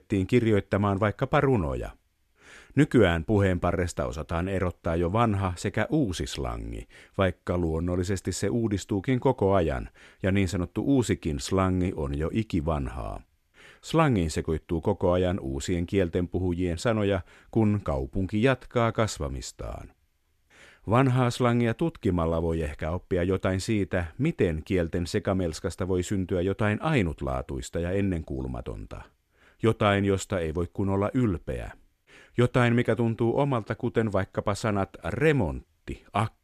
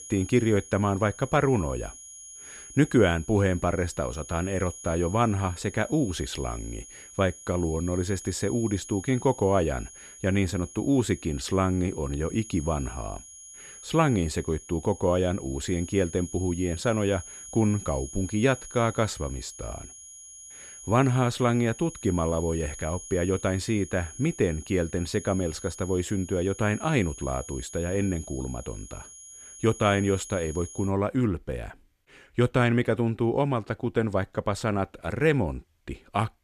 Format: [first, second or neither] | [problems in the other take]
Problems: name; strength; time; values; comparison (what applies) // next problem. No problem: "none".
first | high-pitched whine; noticeable; until 31 s; 6.5 kHz, 15 dB below the speech